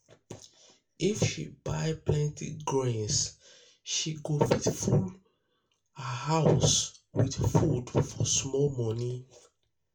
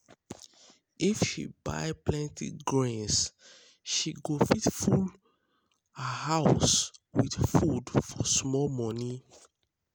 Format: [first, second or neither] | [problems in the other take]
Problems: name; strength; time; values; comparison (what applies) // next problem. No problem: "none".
second | room echo; dies away in 0.2 s